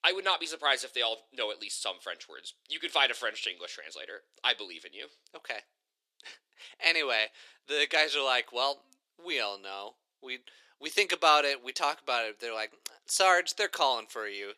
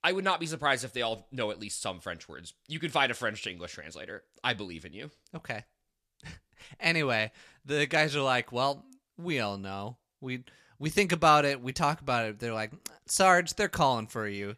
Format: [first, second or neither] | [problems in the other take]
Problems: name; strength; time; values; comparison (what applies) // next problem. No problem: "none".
second | thin; very; fading below 350 Hz